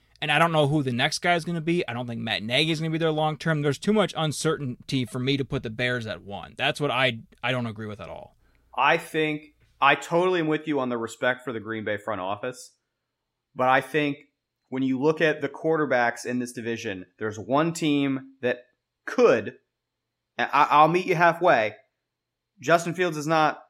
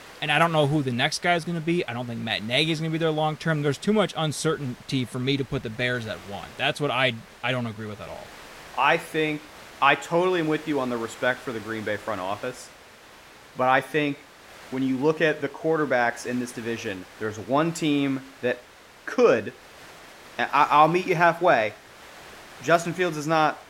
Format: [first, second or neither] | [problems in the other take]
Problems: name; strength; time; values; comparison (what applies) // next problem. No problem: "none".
first | hiss; faint; throughout; 20 dB below the speech